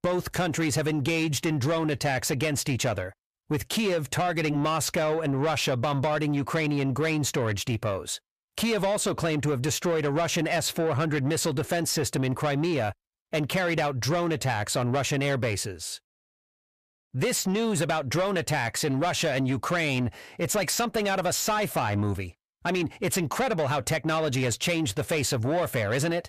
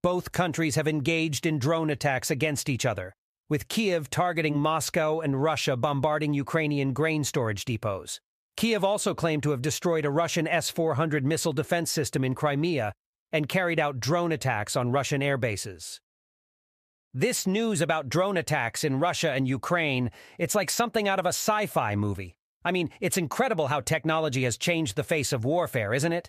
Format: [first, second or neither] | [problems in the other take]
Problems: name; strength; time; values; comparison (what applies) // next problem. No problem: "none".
second | distortion; slight; 10 dB below the speech